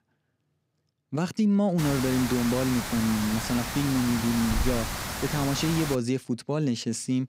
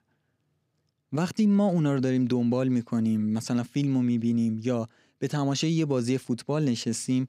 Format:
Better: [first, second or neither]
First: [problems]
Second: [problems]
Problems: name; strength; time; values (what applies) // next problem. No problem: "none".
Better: second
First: hiss; loud; from 2 to 6 s; 5 dB below the speech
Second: none